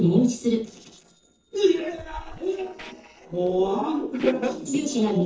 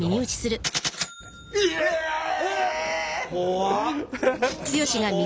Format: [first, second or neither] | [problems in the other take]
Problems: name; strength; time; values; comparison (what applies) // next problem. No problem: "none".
second | noise reduction (neural separator model SepFormer DNS4)